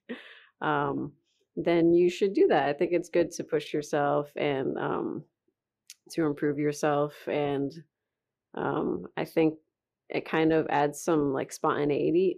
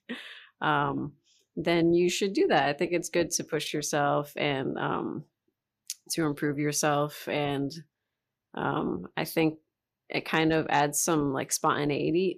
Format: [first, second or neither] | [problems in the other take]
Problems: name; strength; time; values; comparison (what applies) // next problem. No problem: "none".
second | muffled; slightly; fading above 3.5 kHz